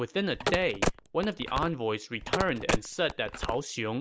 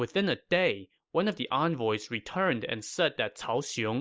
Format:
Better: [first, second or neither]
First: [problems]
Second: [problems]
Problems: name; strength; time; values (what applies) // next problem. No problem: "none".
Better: second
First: background sound (Telephone); 2 dB below the speech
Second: none